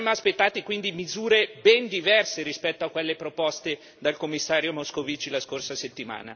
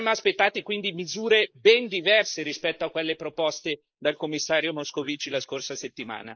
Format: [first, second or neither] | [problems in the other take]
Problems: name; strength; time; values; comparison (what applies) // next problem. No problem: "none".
first | noise reduction (neural mask model Resemble Enhance denoiser)